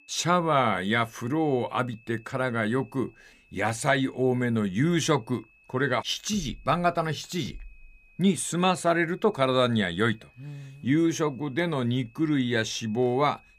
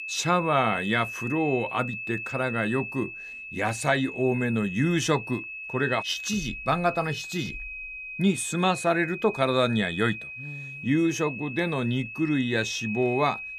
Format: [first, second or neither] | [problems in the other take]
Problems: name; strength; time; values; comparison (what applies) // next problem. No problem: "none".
first | high-pitched whine; loud; throughout; 2.5 kHz, 8 dB below the speech; faint in the first